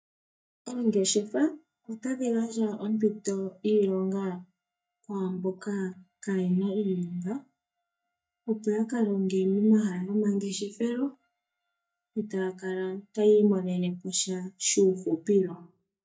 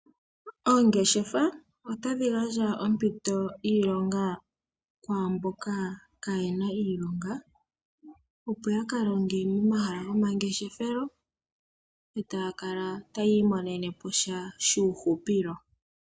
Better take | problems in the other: second | noise reduction (neural mask model DeepFilterNet 3)

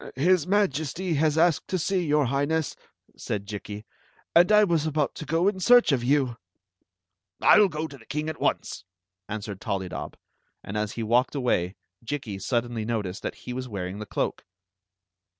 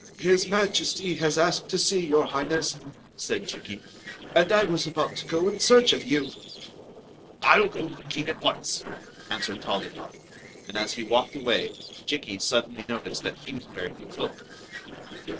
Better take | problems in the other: first | noise reduction (neural separator model SepFormer DNS4)

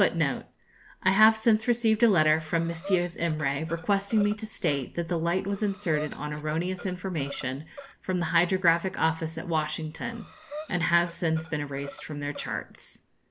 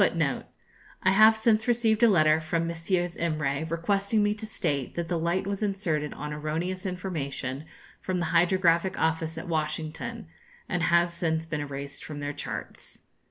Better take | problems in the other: second | background sound (Breathing); 17 dB below the speech

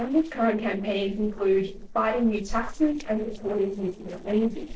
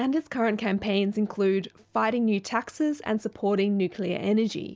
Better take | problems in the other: second | noise reduction (neural separator model SepFormer DNS4)

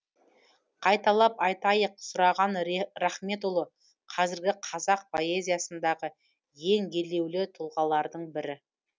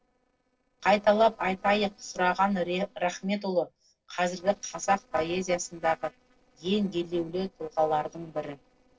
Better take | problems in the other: first | noise reduction (neural separator model SepFormer DNS4)

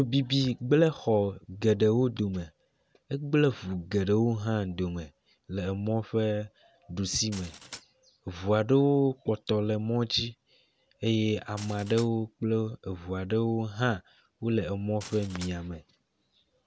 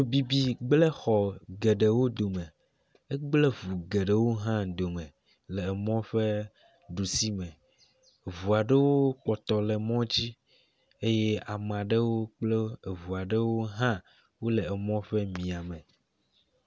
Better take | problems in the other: second | background sound (Glass); 19 dB below the speech

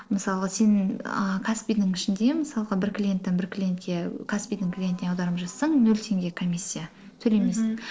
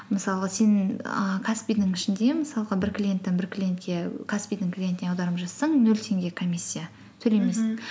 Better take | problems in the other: second | noise reduction (neural separator model SepFormer DNS4)

